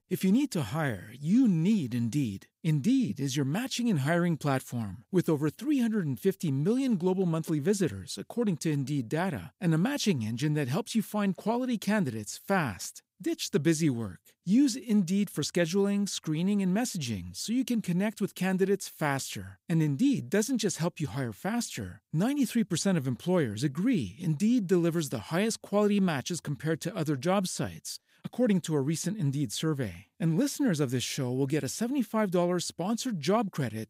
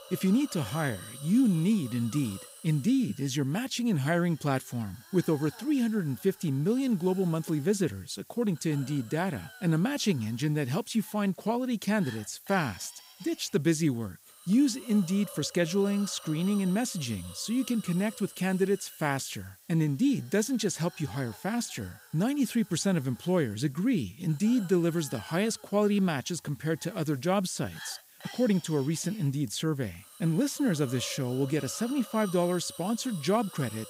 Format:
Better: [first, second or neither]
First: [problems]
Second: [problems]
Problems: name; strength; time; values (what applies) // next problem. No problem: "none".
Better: first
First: none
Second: hiss; noticeable; throughout; 20 dB below the speech